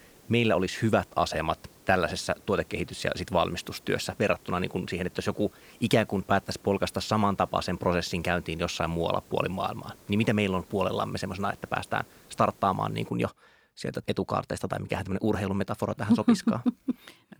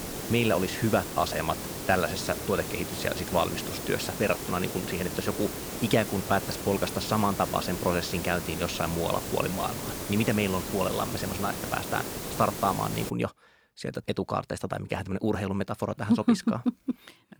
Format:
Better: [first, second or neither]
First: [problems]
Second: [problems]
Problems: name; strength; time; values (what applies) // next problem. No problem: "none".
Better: first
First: hiss; faint; until 13 s; 25 dB below the speech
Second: hiss; loud; until 13 s; 5 dB below the speech